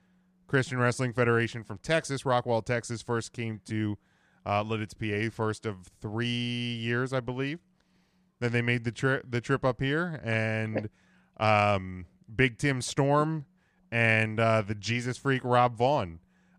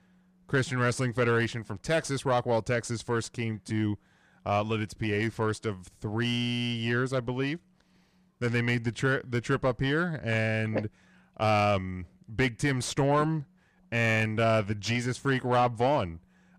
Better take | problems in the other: first | distortion; slight; 10 dB below the speech

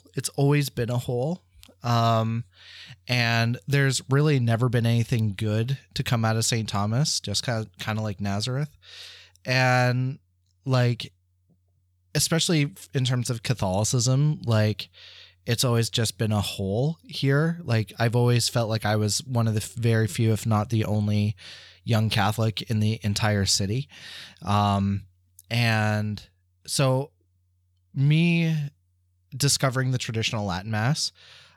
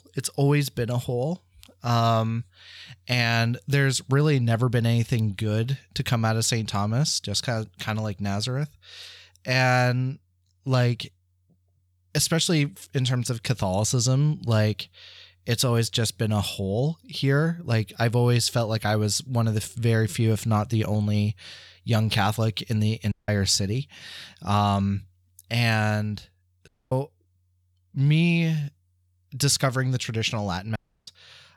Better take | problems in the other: first | audio cutting out; at 23 s, at 27 s and at 31 s

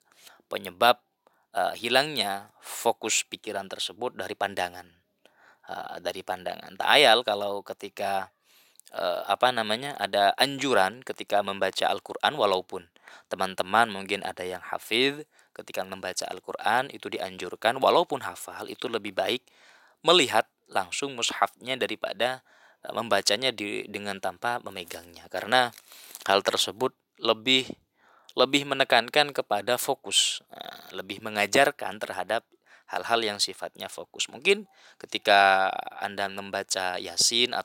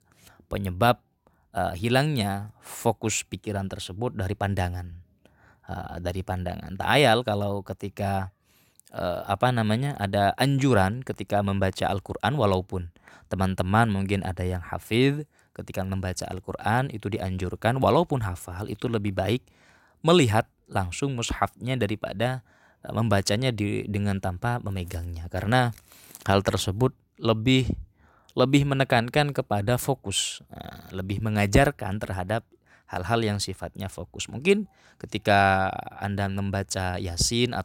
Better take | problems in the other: second | thin; somewhat; fading below 450 Hz

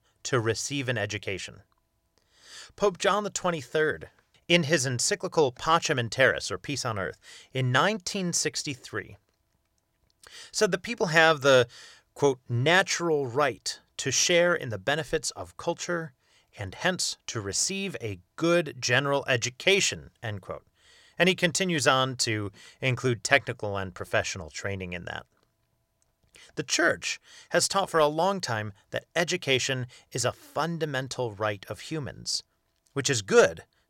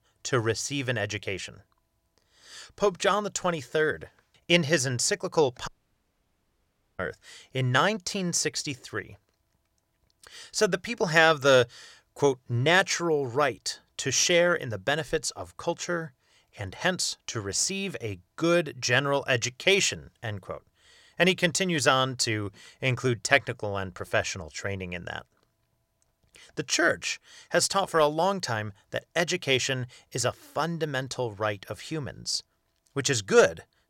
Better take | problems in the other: first | audio cutting out; at 5.5 s for 1.5 s

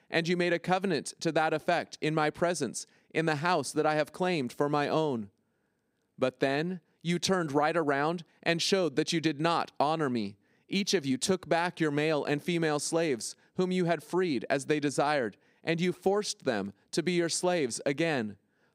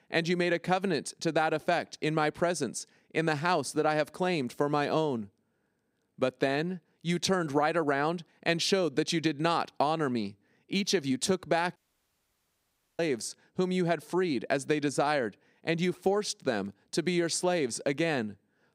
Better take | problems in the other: first | audio cutting out; at 12 s for 1 s

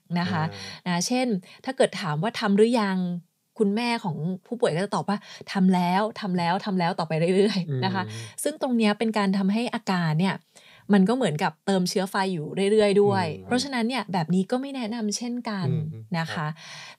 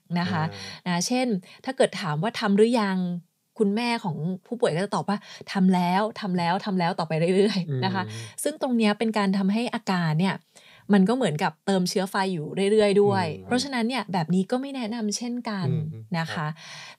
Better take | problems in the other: neither | none

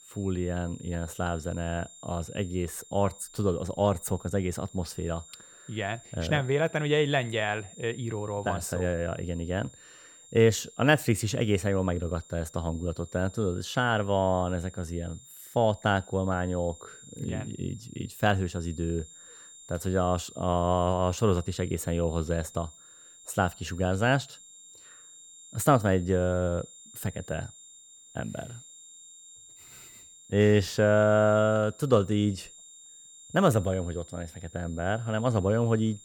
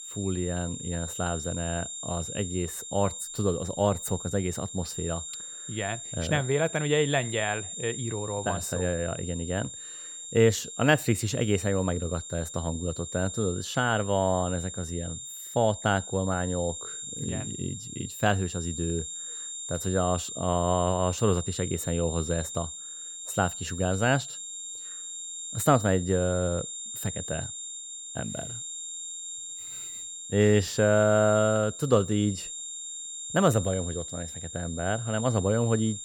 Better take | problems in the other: first | high-pitched whine; loud; throughout; 7.5 kHz, 8 dB below the speech; faint in the first

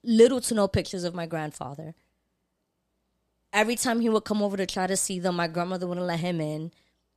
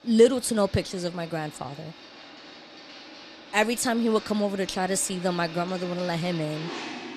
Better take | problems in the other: first | household noises; noticeable; throughout; 15 dB below the speech

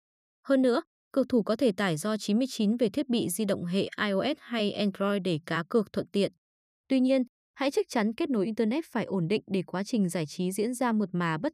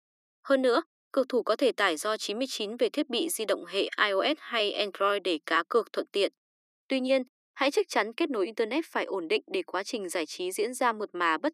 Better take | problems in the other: first | thin; somewhat; fading below 300 Hz

